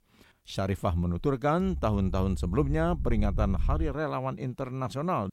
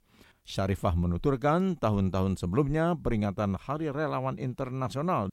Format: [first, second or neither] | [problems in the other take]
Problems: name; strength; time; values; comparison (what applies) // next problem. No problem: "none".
second | low rumble; faint; from 1.5 to 4 s; 20 dB below the speech